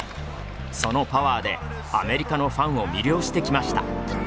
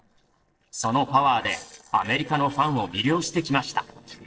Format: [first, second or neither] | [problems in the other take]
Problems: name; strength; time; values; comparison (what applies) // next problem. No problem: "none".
first | noise reduction (neural separator model SepFormer DNS4)